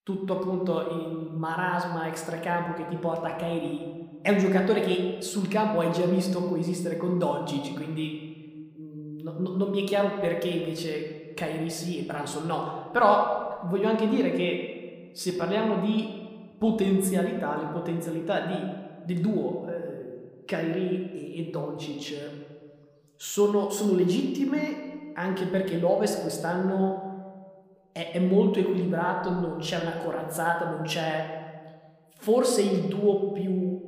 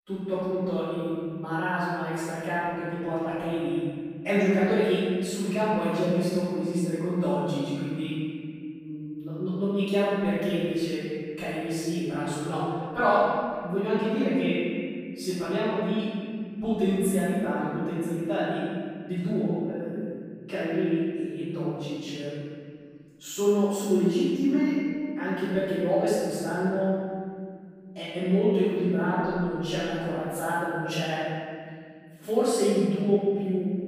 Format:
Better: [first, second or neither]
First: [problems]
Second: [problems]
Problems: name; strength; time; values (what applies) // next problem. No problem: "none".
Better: first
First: room echo; slight; dies away in 1.3 s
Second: room echo; strong; dies away in 2.2 s // off-mic speech; far